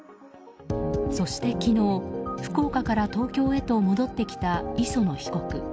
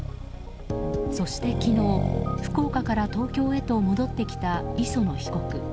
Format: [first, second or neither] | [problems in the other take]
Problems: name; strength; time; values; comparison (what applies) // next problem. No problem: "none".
first | background sound (Accelerating, revving, vroom); 5 dB below the speech